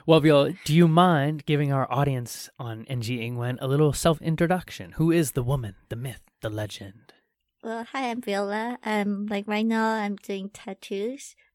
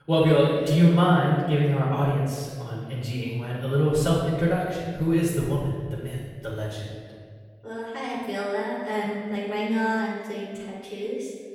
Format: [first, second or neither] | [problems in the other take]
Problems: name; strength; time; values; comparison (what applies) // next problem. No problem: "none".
first | room echo; noticeable; dies away in 1.5 s // off-mic speech; far